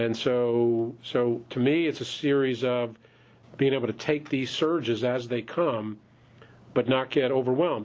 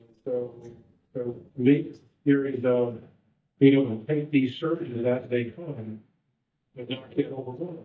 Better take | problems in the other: first | noise reduction (neural mask model DeepFilterNet 3)

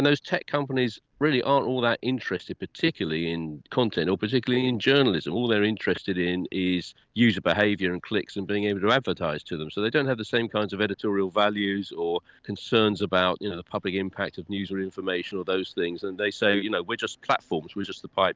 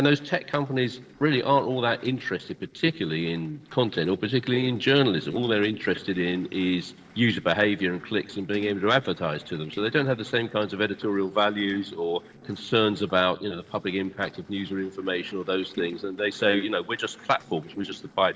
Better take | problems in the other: first | noise reduction (neural separator model SepFormer DNS4)

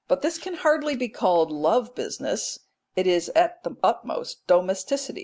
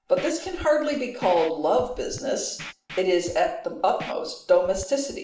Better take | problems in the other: first | background sound (Scratching (performance technique)); 17 dB below the speech // room echo; dies away in 0.5 s

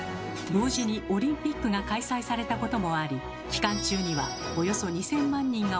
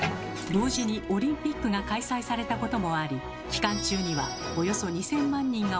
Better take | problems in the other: first | background sound (Bathtub (filling or washing)); 16 dB below the speech

